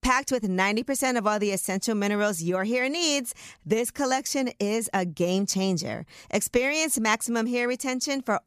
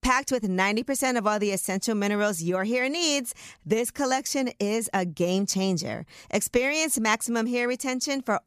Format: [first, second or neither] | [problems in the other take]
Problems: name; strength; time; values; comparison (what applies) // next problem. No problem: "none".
neither | none